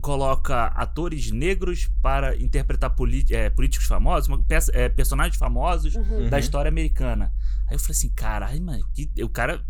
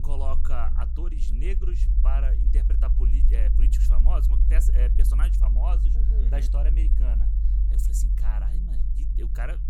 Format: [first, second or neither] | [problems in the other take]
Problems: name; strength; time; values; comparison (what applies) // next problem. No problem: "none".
first | low rumble; loud; throughout; 5 dB below the speech; faint in the first